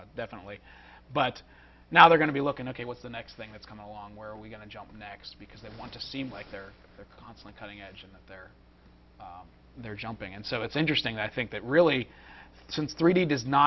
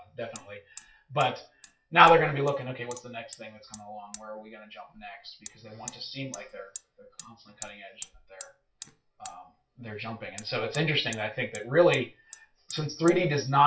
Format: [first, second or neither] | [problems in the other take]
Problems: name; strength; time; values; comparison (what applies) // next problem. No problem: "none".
first | noise reduction (classical method WPE with log-MMSE)